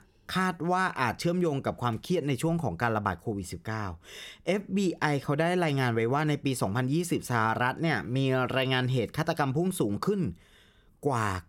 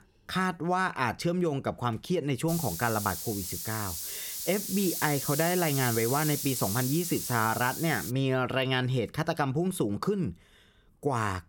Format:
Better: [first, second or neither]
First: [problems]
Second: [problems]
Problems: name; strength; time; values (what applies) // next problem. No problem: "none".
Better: first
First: none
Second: hiss; loud; from 2.5 to 8 s; 4 dB below the speech